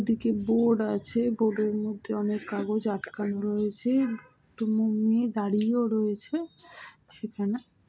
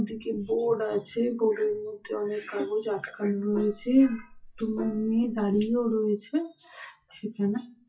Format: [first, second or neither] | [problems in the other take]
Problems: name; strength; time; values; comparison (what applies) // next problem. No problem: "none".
first | noise reduction (classical method WPE with log-MMSE)